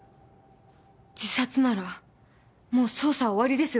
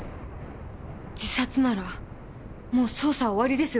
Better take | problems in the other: first | background sound (Thunder / Rain); 12 dB below the speech

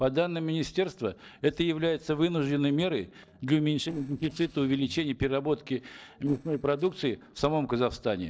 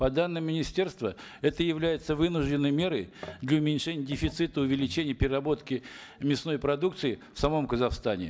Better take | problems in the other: second | noise reduction (neural separator model SepFormer DNS4)

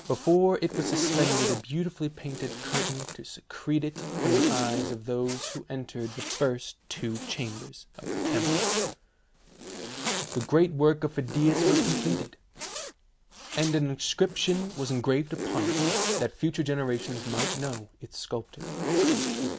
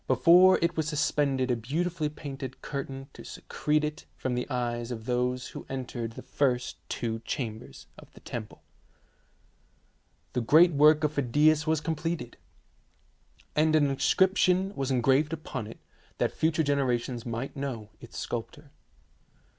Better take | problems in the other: second | background sound (Zipper (clothing)); 2 dB below the speech

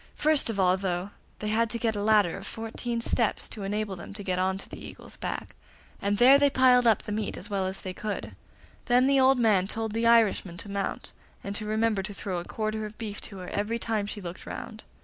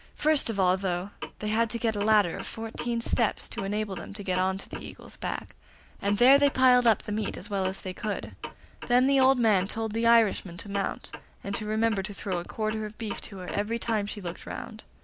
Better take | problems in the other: first | background sound (Clock); 14 dB below the speech

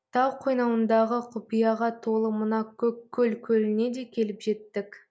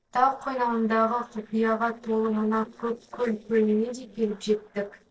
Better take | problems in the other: first | noise reduction (neural separator model SepFormer DNS4)

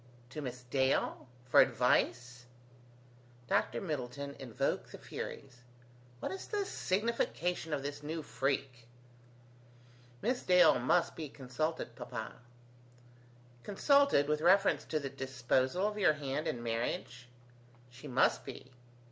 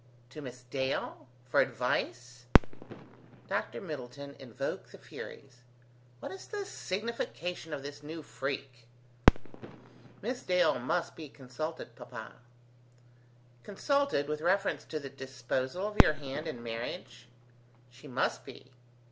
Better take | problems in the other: first | background sound (Fireworks); 1 dB below the speech

